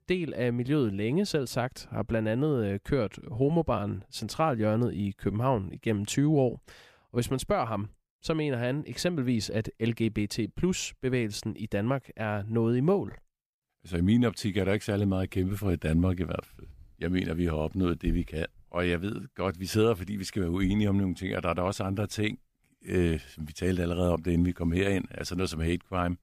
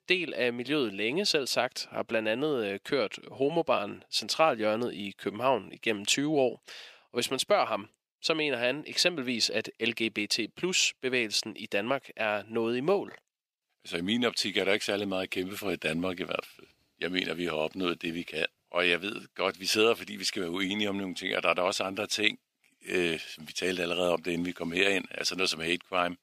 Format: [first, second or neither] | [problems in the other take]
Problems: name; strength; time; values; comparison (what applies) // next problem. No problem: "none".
first | thin; somewhat; fading below 350 Hz